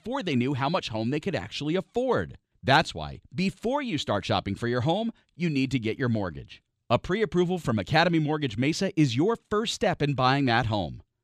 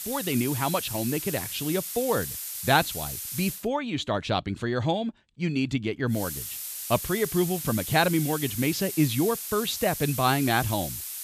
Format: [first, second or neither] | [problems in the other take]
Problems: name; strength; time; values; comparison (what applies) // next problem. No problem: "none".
first | hiss; loud; until 3.5 s and from 6 s on; 6 dB below the speech